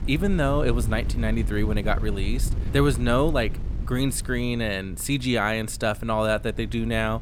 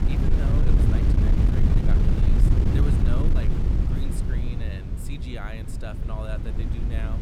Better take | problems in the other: first | wind noise on the microphone; heavy; 5 dB above the speech; occasional gusts in the first

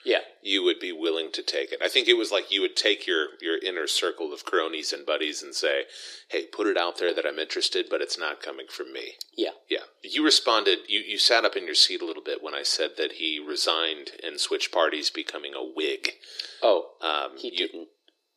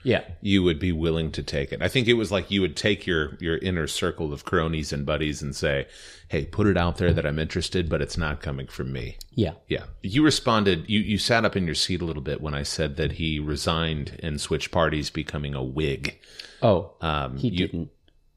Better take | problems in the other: second | thin; very; fading below 350 Hz

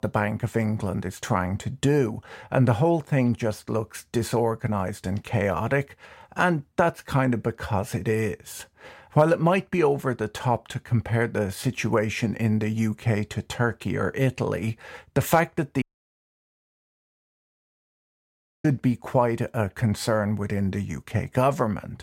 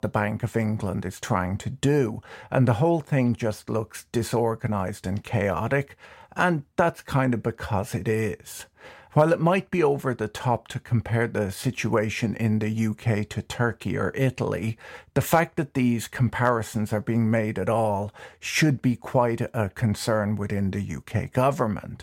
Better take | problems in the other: second | audio cutting out; at 16 s for 3 s

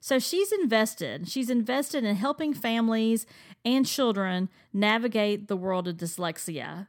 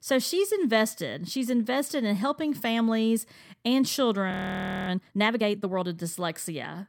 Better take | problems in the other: first | audio freezing; at 4.5 s for 0.5 s

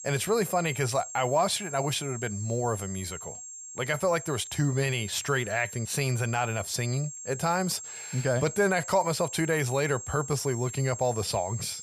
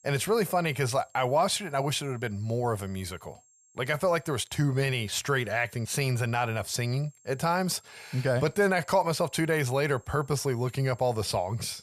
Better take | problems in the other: second | high-pitched whine; loud; throughout; 7.5 kHz, 10 dB below the speech; faint in the second

